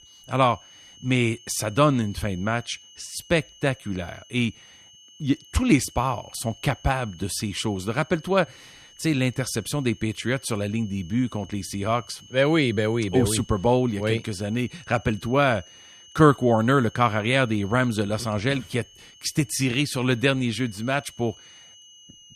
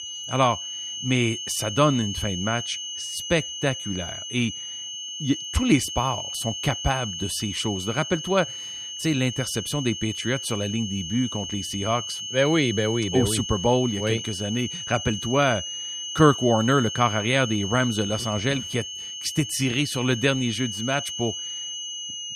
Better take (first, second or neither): first